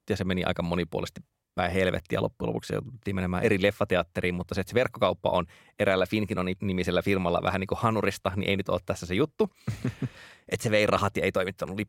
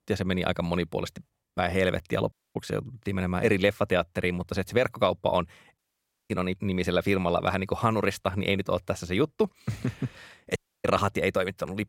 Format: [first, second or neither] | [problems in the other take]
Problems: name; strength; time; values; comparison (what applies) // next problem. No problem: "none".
first | audio cutting out; at 2.5 s, at 6 s for 0.5 s and at 11 s